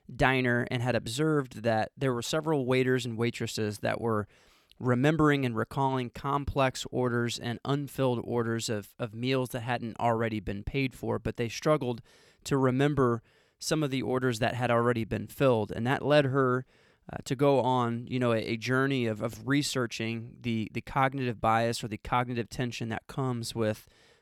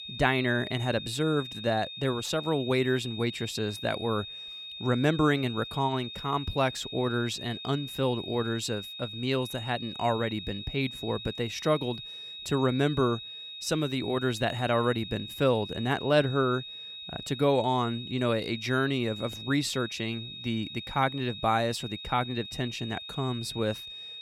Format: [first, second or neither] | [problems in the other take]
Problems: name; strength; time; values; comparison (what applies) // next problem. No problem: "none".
first | high-pitched whine; loud; throughout; 4 kHz, 9 dB below the speech